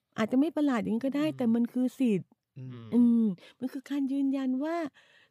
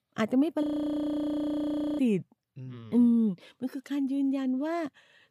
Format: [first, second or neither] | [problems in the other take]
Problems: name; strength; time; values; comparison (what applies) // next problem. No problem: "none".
first | audio freezing; at 0.5 s for 1.5 s